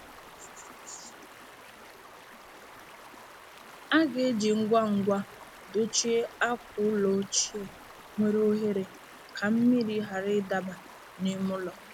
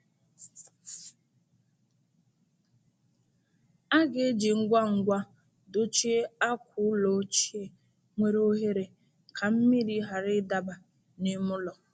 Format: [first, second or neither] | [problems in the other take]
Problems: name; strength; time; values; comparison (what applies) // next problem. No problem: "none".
second | background sound (Stream); 19 dB below the speech